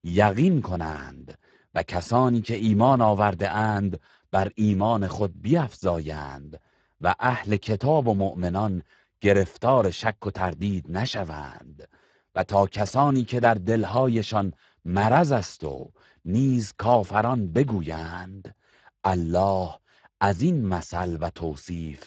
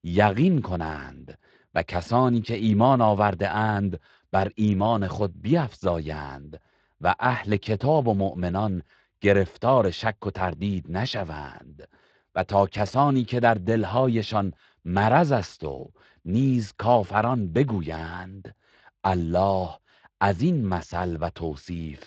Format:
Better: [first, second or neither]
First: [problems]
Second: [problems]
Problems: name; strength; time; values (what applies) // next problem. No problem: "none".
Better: second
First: garbled, watery; badly; nothing above 7.5 kHz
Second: garbled, watery; slightly